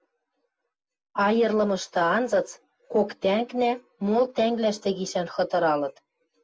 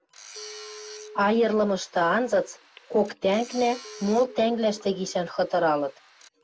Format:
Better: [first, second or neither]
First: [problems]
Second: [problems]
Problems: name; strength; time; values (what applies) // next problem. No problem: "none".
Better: first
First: none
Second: background sound (Telephone + Tools); 20 dB below the speech